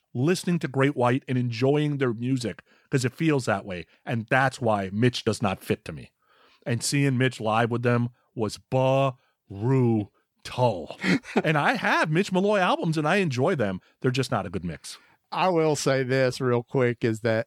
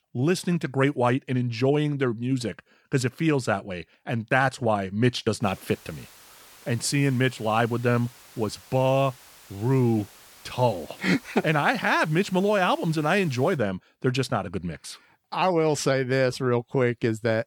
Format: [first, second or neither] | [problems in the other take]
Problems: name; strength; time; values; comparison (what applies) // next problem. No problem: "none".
first | hiss; faint; from 5.5 to 14 s; 25 dB below the speech